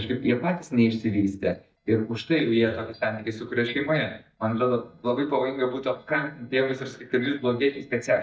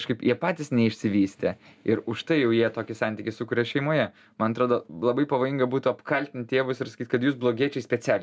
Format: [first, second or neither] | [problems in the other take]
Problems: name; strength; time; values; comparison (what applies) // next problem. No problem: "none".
second | noise reduction (neural mask model DeepFilterNet 3)